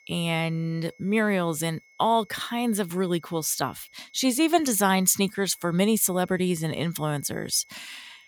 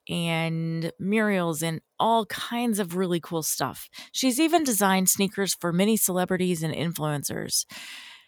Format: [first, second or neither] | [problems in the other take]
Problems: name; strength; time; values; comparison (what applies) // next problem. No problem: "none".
second | high-pitched whine; faint; throughout; 2 kHz, 30 dB below the speech